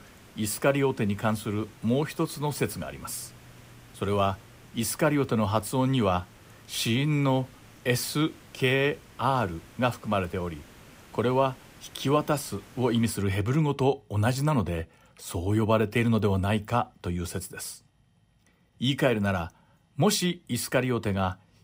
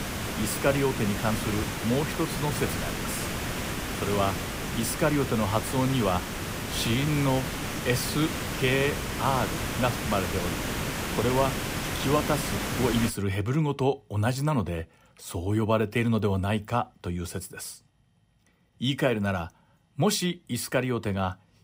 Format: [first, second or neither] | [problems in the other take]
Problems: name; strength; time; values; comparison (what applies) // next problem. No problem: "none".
first | hiss; loud; until 13 s; 3 dB below the speech; faint in the first